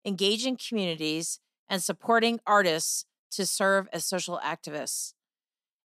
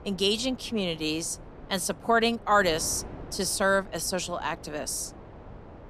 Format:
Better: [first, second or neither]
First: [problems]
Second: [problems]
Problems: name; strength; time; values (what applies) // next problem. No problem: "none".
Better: first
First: none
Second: wind noise on the microphone; occasional gusts; 20 dB below the speech